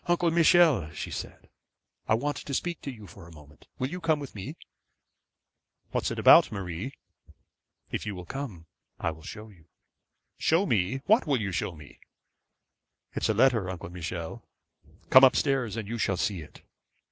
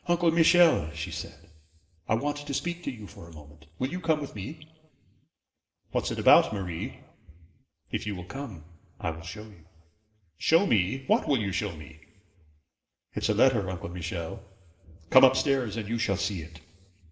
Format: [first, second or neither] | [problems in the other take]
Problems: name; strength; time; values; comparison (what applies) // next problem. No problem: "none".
first | room echo; dies away in 1.9 s